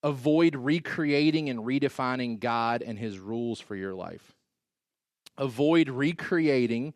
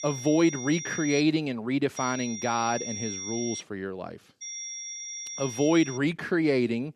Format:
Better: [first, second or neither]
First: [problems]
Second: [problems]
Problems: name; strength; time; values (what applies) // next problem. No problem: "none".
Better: first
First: none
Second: high-pitched whine; loud; until 1 s, from 2 to 3.5 s and from 4.5 to 6 s; 5.5 kHz, 9 dB below the speech